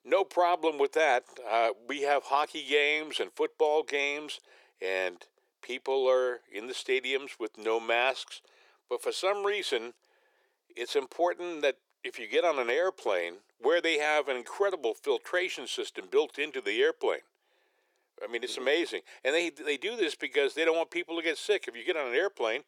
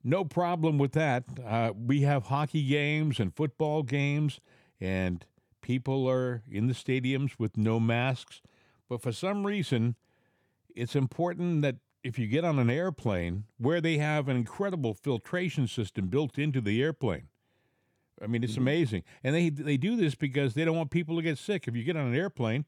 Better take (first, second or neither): second